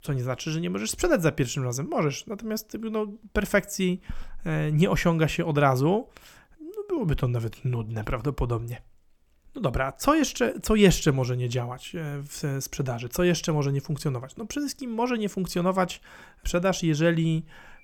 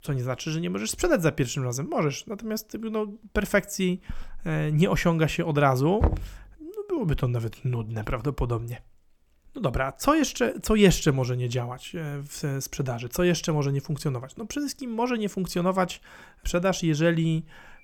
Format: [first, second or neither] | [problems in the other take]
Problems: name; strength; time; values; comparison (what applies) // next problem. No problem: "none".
first | door banging; noticeable; at 6 s; peak 1 dB below the speech